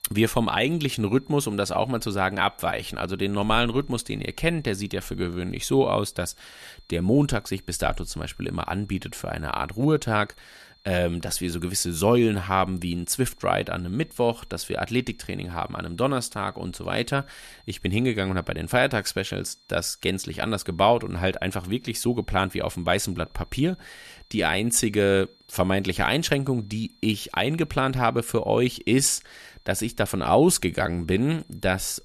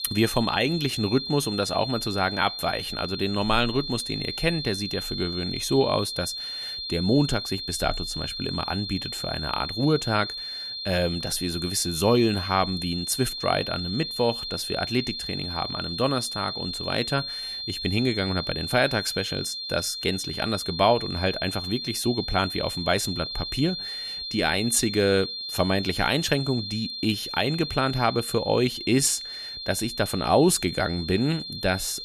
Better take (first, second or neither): first